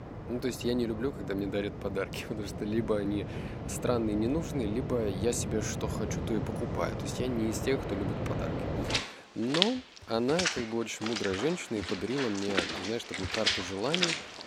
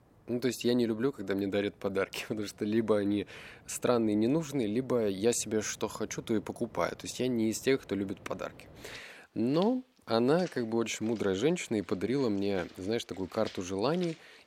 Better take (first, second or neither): second